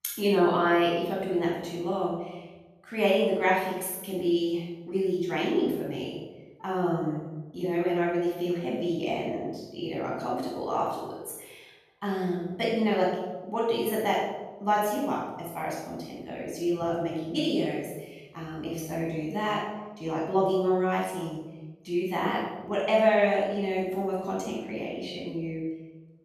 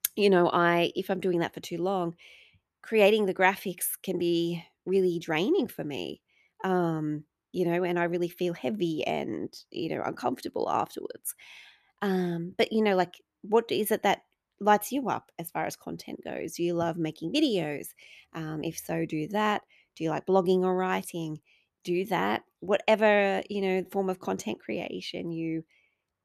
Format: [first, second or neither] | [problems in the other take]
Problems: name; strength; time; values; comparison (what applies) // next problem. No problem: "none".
second | off-mic speech; far // room echo; noticeable; dies away in 1 s